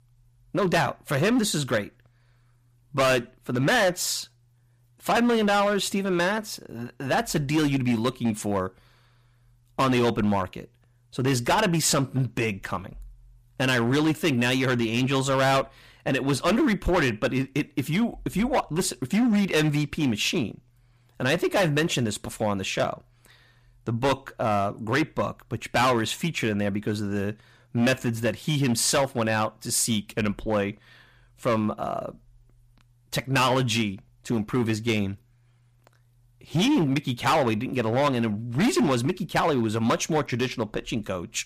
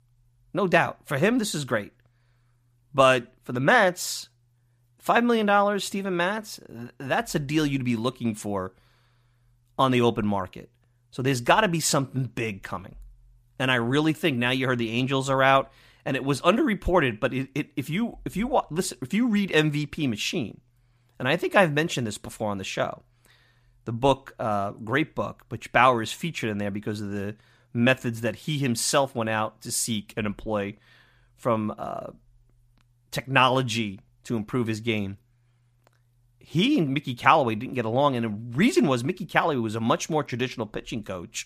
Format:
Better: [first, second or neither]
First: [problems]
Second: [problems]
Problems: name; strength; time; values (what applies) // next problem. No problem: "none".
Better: second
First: distortion; heavy; 8% of the sound clipped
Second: none